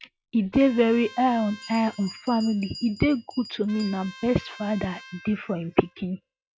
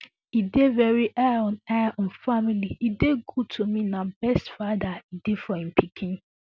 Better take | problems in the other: second | noise reduction (classical method log-MMSE)

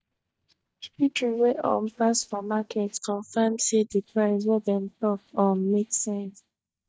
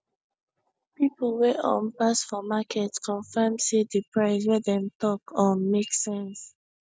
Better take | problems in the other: second | noise reduction (neural mask model DeepFilterNet 3)

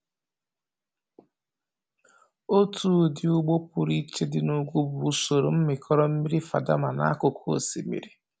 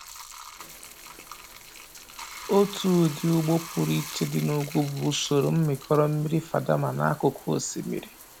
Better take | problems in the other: first | background sound (Bathtub (filling or washing)); 16 dB below the speech

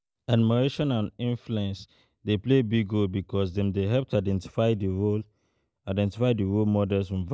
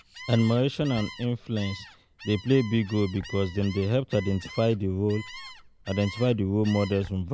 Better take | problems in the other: first | background sound (Gull, seagull); 17 dB below the speech

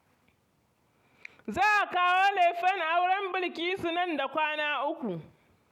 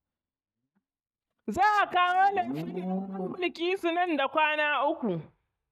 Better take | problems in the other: first | noise reduction (neural mask model DeepFilterNet 3)

